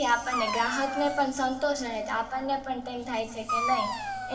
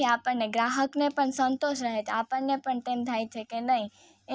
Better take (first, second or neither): second